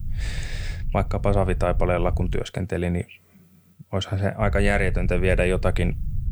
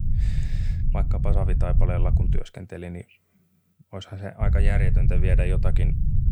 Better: first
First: low rumble; faint; until 2.5 s and from 4.5 s on; 20 dB below the speech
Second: low rumble; loud; until 2.5 s and from 4.5 s on; 4 dB below the speech

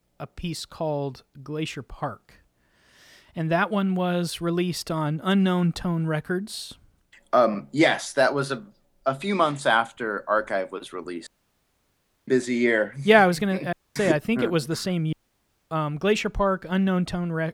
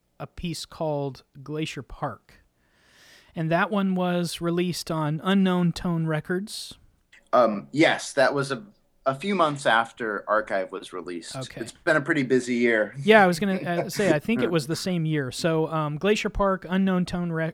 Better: second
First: audio cutting out; at 11 s for 1 s, at 14 s and at 15 s for 0.5 s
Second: none

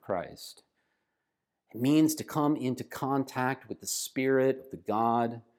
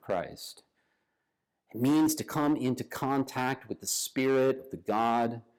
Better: first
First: none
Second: distortion; slight; 5% of the sound clipped

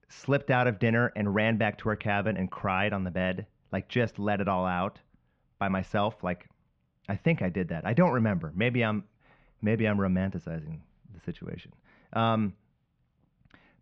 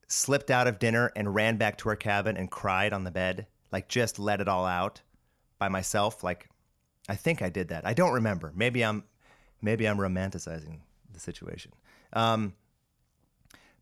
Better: second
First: muffled; very; fading above 3.5 kHz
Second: none

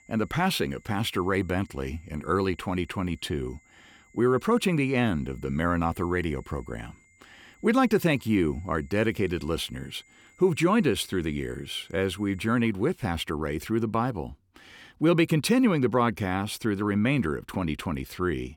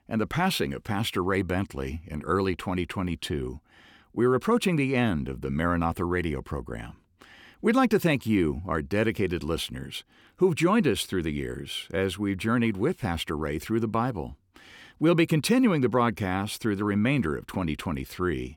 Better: second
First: high-pitched whine; faint; until 13 s; 2 kHz, 30 dB below the speech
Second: none

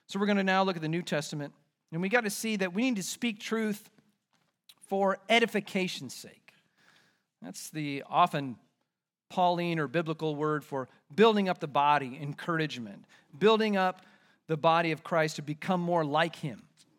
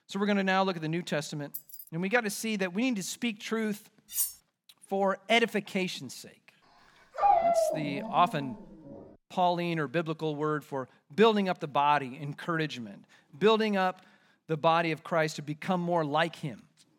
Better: first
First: none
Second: jangling keys; faint; at 1.5 s; peak 10 dB below the speech // clattering dishes; noticeable; at 4 s; peak 1 dB below the speech // dog barking; loud; from 7 to 8 s; peak 5 dB above the speech

